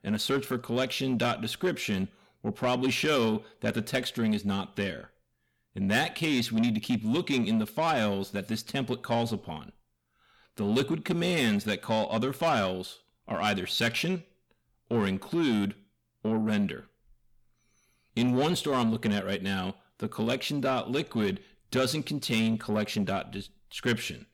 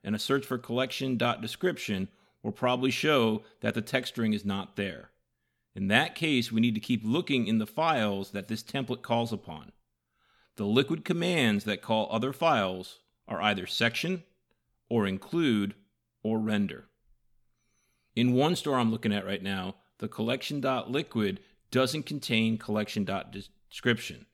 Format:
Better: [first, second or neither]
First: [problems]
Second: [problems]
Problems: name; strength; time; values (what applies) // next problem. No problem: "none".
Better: second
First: distortion; slight; 10 dB below the speech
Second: none